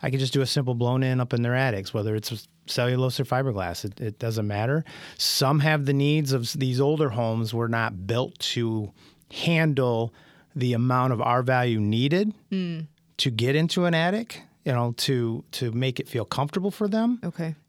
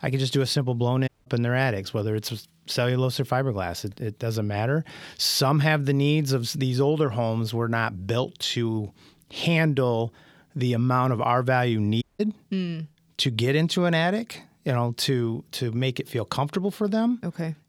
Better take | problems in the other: first | audio cutting out; at 1 s and at 12 s

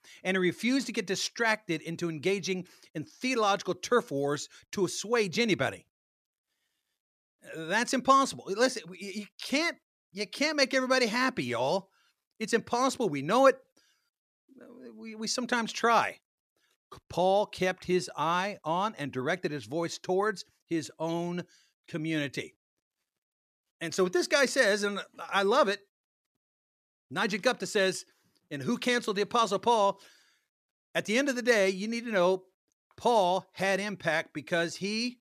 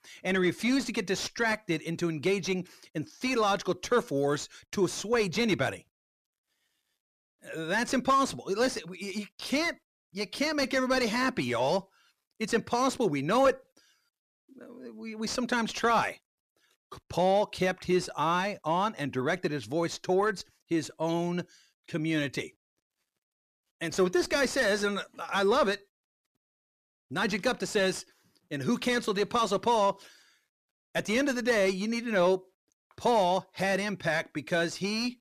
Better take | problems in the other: first | distortion; slight; 10 dB below the speech

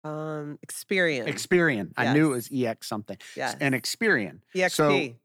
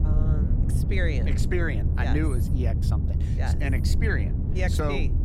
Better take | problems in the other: first | low rumble; loud; throughout; 6 dB below the speech

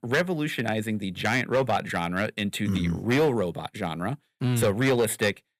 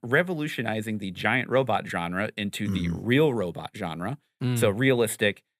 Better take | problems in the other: second | distortion; slight; 5% of the sound clipped

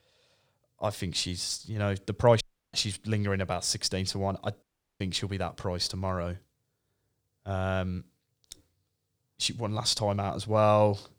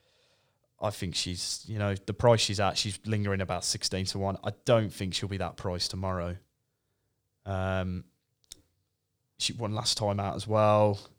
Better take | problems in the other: second | audio cutting out; at 2.5 s and at 4.5 s

